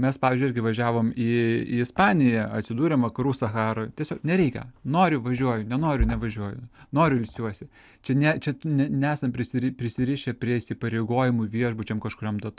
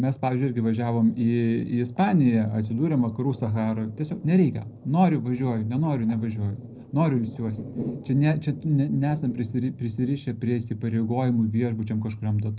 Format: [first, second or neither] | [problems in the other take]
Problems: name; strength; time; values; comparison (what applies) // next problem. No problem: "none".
first | noise reduction (neural separator model SepFormer DNS4)